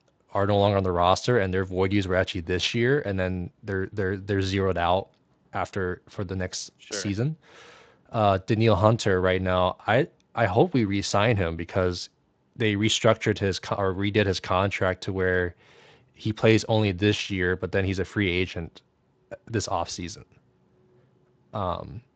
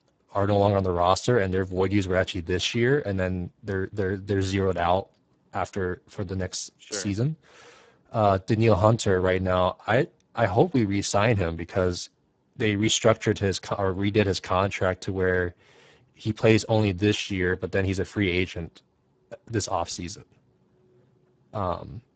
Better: first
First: garbled, watery; slightly; nothing above 7.5 kHz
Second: garbled, watery; badly; nothing above 7.5 kHz

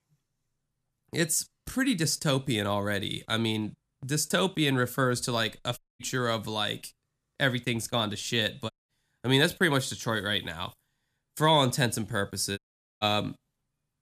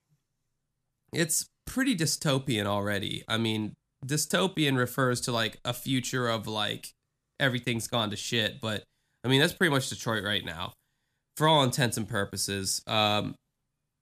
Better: second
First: audio cutting out; at 6 s, at 8.5 s and at 13 s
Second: none

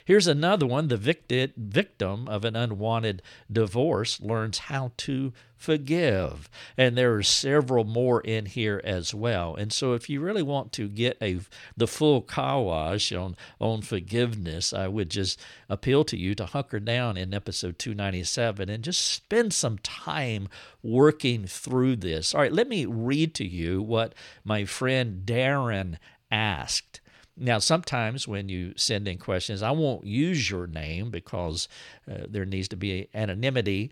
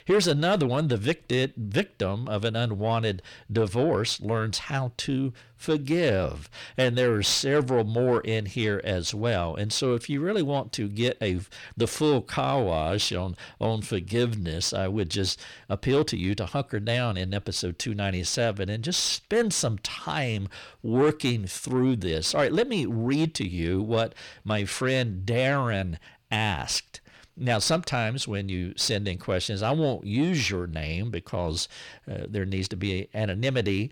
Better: first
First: none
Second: distortion; slight; 10 dB below the speech

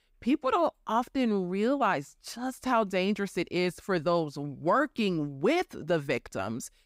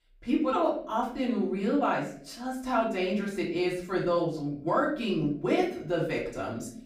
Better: first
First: none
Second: room echo; slight; dies away in 0.5 s // off-mic speech; far

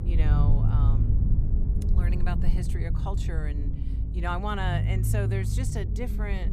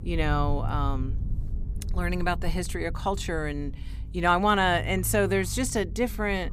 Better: second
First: low rumble; loud; throughout; 5 dB below the speech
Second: low rumble; faint; throughout; 25 dB below the speech

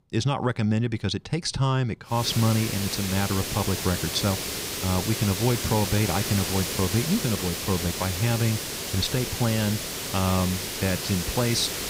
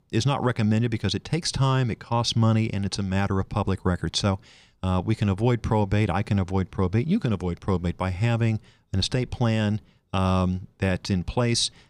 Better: second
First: hiss; loud; from 2 s on; 3 dB below the speech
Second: none

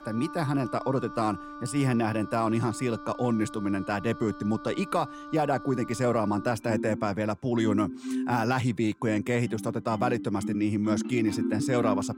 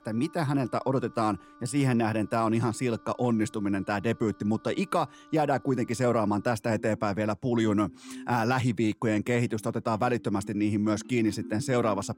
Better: second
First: background music; loud; throughout; 9 dB below the speech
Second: background music; faint; throughout; 20 dB below the speech

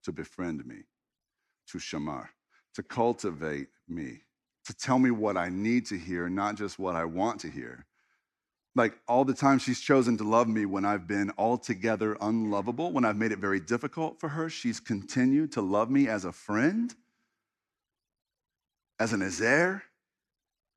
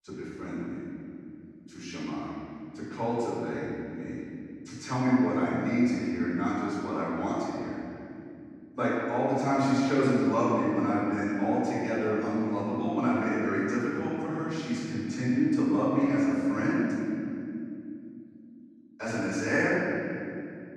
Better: first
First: none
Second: room echo; strong; dies away in 2.8 s // off-mic speech; far

